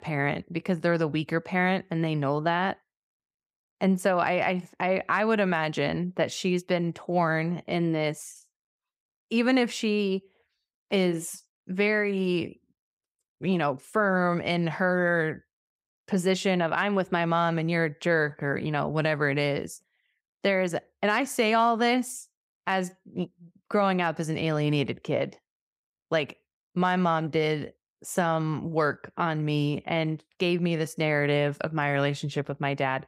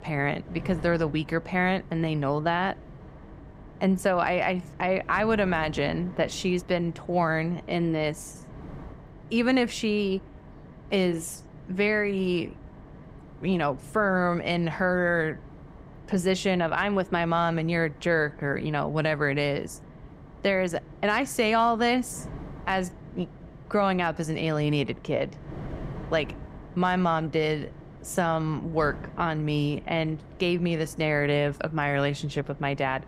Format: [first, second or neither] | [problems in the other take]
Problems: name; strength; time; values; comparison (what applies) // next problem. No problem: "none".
first | wind noise on the microphone; occasional gusts; 20 dB below the speech